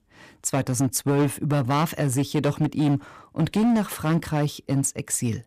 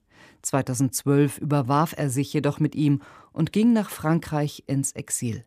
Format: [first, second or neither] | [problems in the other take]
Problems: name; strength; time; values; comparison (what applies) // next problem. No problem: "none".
second | distortion; slight; 11% of the sound clipped